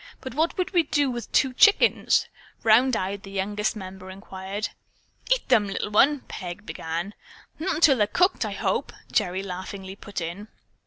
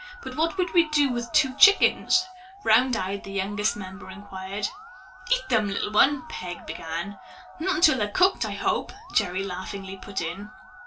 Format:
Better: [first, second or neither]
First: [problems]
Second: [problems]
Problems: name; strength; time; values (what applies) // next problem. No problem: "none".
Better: first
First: none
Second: background sound (Musical instrument); 17 dB below the speech // room echo; dies away in 0.2 s